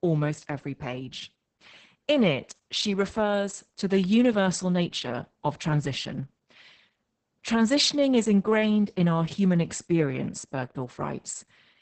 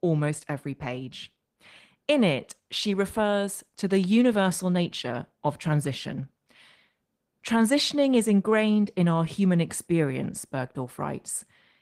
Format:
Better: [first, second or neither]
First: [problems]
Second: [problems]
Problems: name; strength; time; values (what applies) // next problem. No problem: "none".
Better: second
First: garbled, watery; badly; nothing above 8 kHz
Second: garbled, watery; slightly; nothing above 15.5 kHz